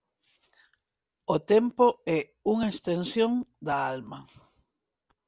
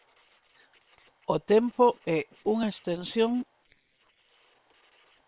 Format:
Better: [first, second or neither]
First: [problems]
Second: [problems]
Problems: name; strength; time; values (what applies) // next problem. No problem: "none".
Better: first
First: none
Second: noise reduction (neural separator model SepFormer WHAM!)